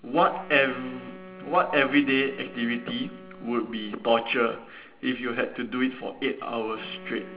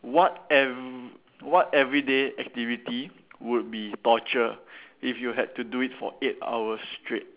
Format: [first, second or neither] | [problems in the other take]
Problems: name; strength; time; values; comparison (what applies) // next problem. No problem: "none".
second | background sound (Wind instrument, woodwind instrument); 19 dB below the speech // room echo; dies away in 1.4 s